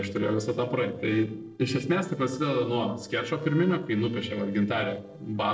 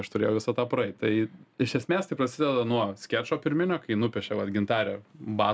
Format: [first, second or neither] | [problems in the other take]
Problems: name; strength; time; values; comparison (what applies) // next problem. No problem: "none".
second | noise reduction (neural separator model SepFormer DNS4)